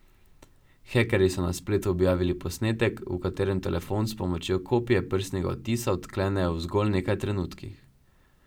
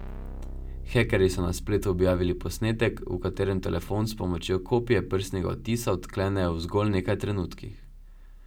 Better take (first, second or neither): first